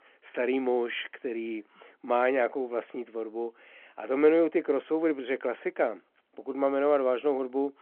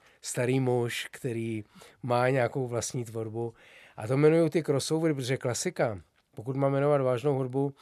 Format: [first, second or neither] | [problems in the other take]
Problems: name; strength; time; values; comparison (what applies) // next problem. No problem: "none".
second | phone-call audio